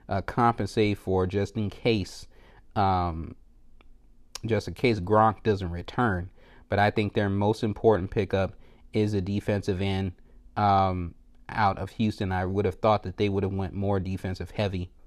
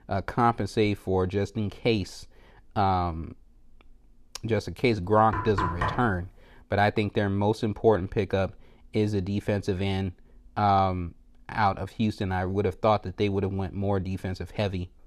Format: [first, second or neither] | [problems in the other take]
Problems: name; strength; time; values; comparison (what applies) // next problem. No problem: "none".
first | door banging; noticeable; at 5.5 s; peak 1 dB below the speech